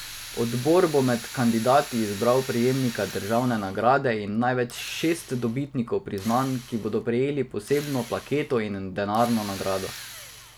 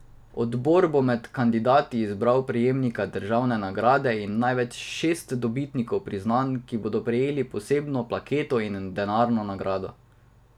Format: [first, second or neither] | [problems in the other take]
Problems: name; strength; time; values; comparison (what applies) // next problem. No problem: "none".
second | background sound (Drill); 16 dB below the speech